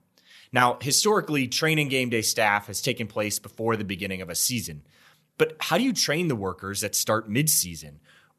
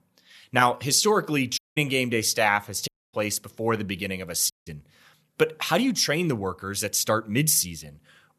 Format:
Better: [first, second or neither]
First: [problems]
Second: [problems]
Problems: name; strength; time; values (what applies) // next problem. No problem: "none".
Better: first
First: none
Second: audio cutting out; at 1.5 s, at 3 s and at 4.5 s